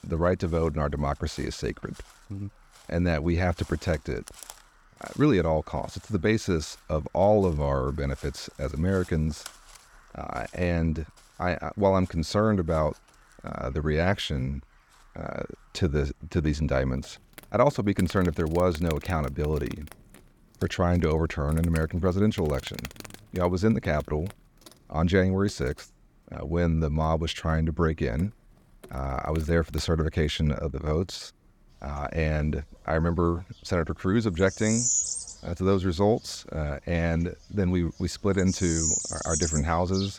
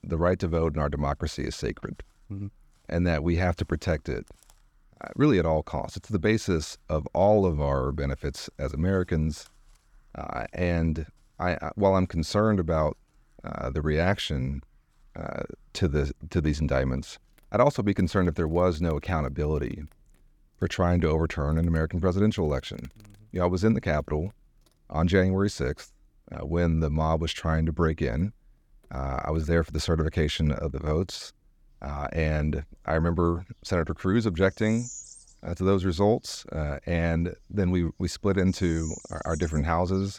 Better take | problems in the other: second | animal sounds; loud; throughout; 6 dB below the speech; faint in the second

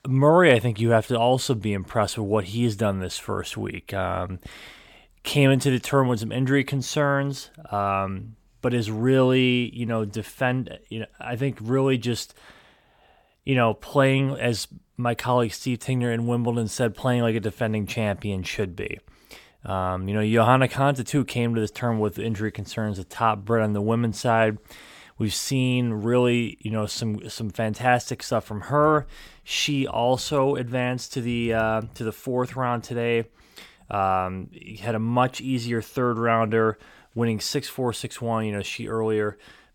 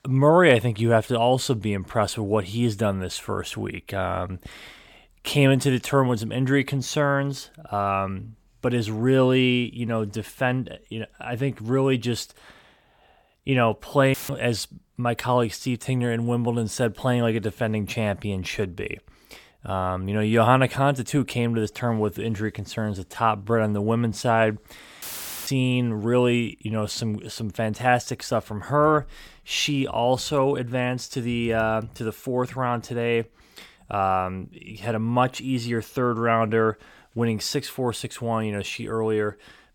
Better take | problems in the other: first | audio cutting out; filled with static; at 14 s and at 25 s

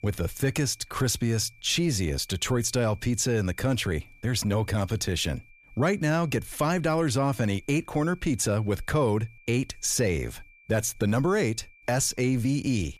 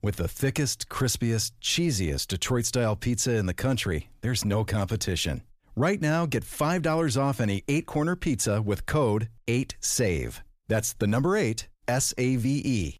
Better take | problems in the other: second | high-pitched whine; faint; throughout; 2.5 kHz, 30 dB below the speech

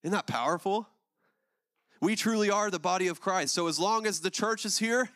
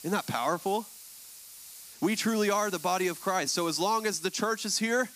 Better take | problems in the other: first | hiss; noticeable; throughout; 15 dB below the speech

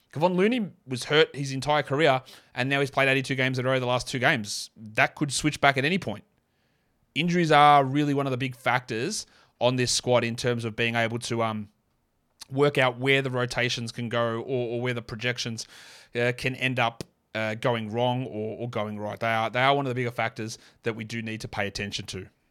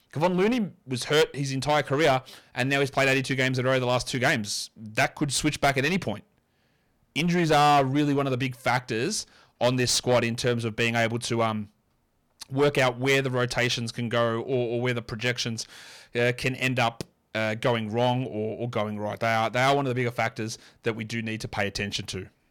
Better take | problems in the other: first | distortion; slight; 5% of the sound clipped

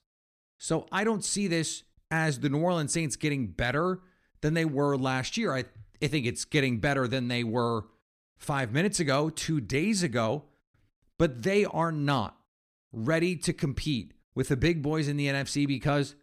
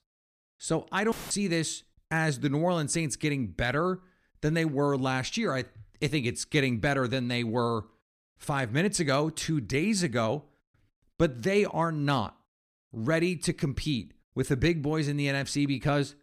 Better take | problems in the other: first | audio cutting out; filled with static; at 1 s

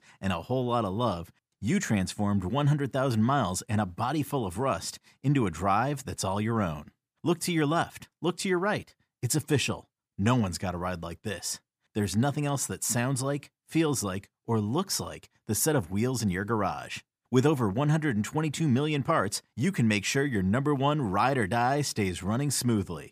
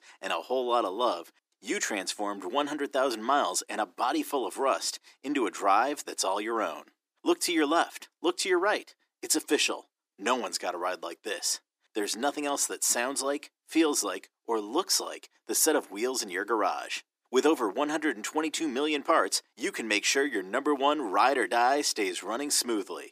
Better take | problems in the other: first | thin; somewhat; fading below 300 Hz

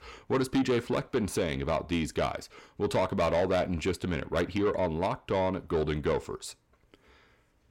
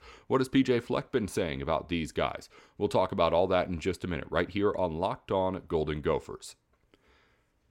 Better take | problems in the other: second | distortion; slight; 10 dB below the speech

